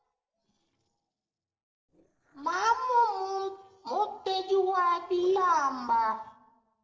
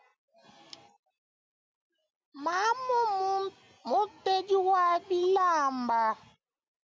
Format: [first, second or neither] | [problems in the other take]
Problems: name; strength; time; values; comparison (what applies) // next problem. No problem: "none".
second | noise reduction (neural separator model SepFormer DNS4)